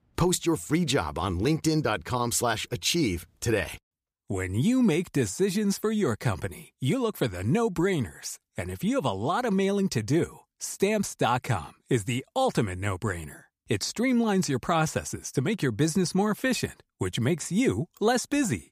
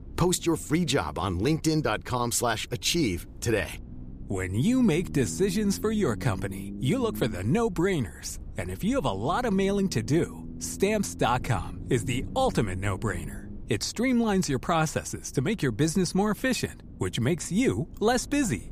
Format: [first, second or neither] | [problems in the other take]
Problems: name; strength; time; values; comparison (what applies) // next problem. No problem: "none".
first | low rumble; noticeable; throughout; 20 dB below the speech